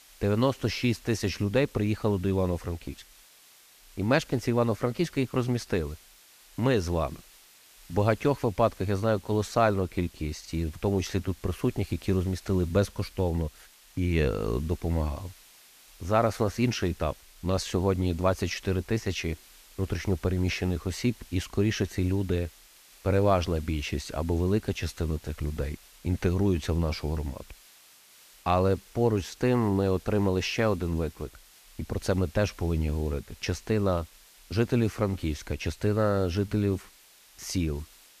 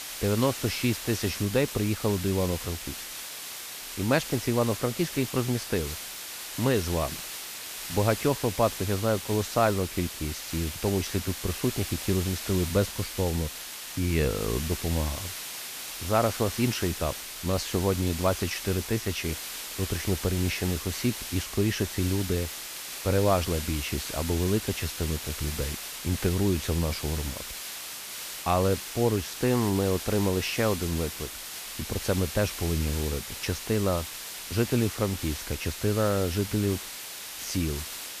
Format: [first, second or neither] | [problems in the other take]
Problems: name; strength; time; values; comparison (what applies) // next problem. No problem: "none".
first | hiss; loud; throughout; 6 dB below the speech; faint in the first